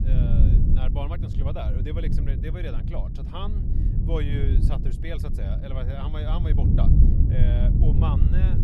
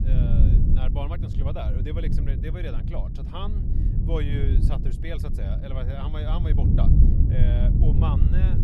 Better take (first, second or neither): neither